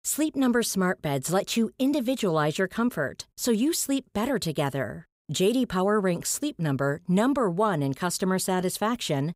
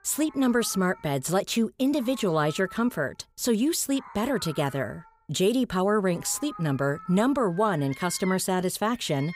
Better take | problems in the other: first | animal sounds; noticeable; throughout; 20 dB below the speech

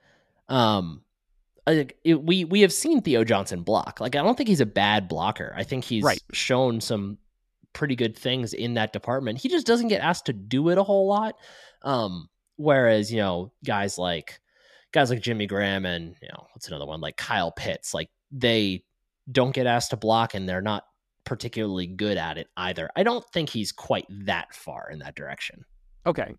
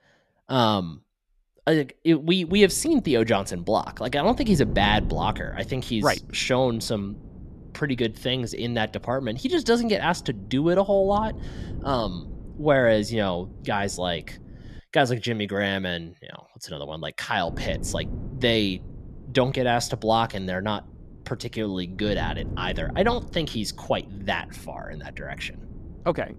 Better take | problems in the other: first | wind noise on the microphone; occasional gusts; from 2.5 to 15 s and from 17 s on; 20 dB below the speech

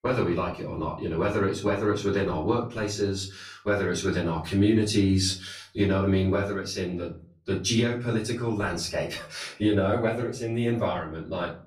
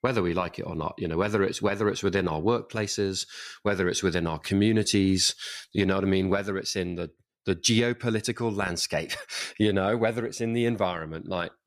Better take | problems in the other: second | off-mic speech; far // room echo; slight; dies away in 0.4 s

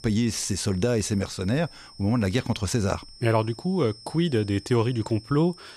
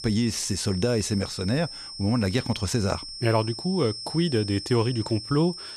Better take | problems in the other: first | high-pitched whine; loud; throughout; 5.5 kHz, 9 dB below the speech; faint in the first

